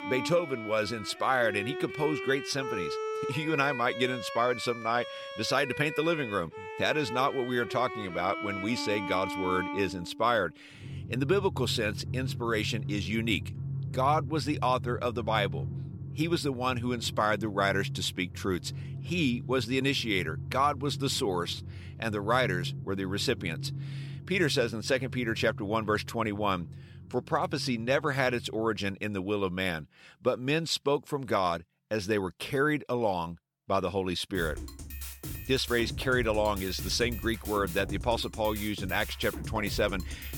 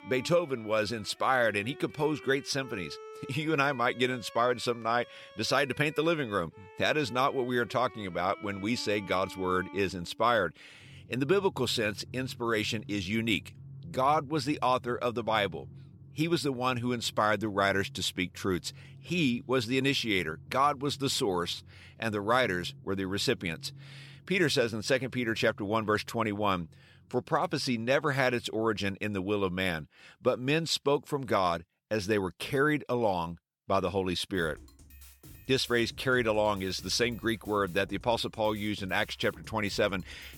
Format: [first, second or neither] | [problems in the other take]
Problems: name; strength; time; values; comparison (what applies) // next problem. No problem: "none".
second | background music; loud; throughout; 9 dB below the speech; faint in the second